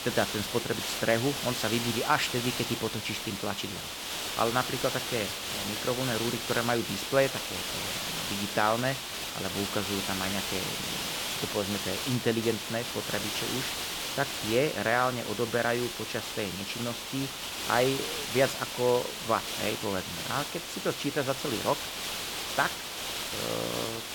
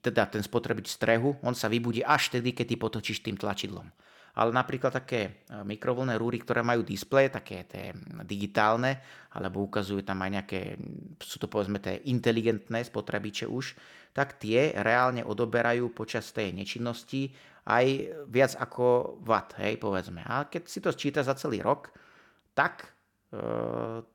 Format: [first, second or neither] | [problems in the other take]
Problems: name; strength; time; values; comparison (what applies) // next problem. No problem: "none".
second | hiss; loud; throughout; 2 dB below the speech